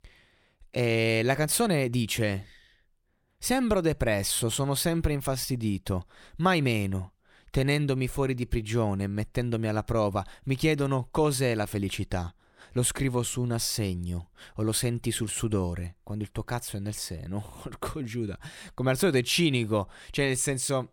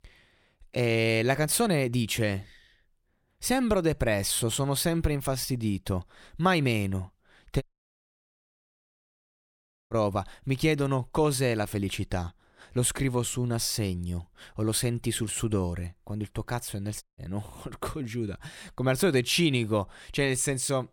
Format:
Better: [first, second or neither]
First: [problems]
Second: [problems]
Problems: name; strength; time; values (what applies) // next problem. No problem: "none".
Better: first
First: none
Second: audio cutting out; at 7.5 s for 2.5 s and at 17 s